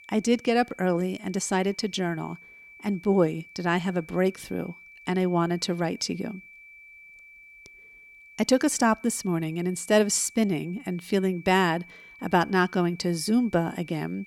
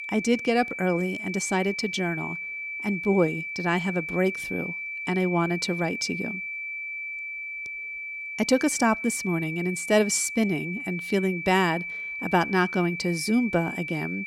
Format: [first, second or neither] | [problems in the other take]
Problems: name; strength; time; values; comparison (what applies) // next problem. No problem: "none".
first | high-pitched whine; loud; throughout; 2.5 kHz, 6 dB below the speech; faint in the first